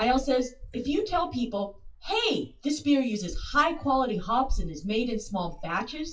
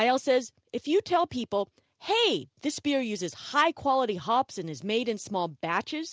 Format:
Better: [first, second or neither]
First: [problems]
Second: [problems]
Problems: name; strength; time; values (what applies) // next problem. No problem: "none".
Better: second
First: noise reduction (classical method WPE with log-MMSE)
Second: none